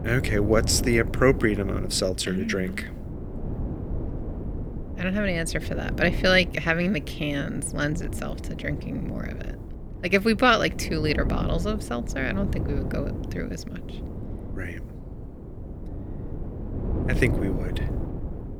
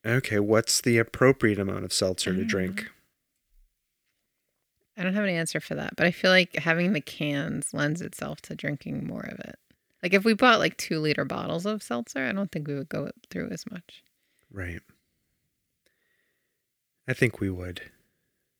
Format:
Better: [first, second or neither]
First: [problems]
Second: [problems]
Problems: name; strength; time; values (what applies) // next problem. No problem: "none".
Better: second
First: wind noise on the microphone; occasional gusts; 15 dB below the speech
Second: none